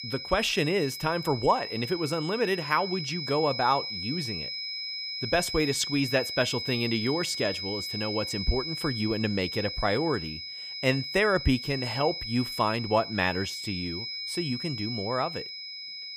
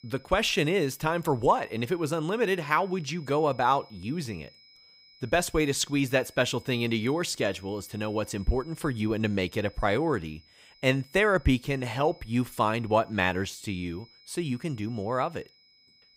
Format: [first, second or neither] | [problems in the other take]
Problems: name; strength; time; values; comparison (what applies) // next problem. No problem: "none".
second | high-pitched whine; loud; throughout; 5 kHz, 5 dB below the speech; faint in the second